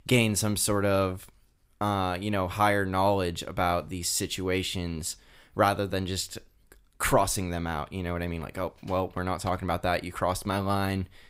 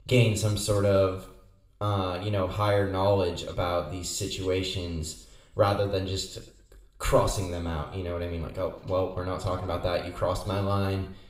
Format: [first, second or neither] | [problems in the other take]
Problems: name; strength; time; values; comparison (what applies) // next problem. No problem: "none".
first | room echo; slight; dies away in 0.7 s